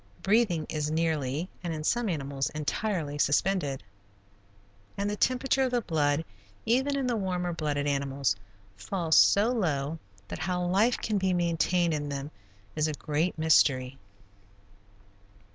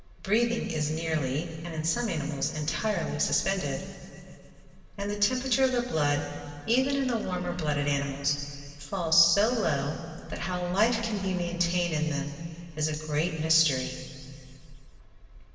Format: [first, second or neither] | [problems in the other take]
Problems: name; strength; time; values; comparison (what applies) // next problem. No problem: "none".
first | room echo; dies away in 2.6 s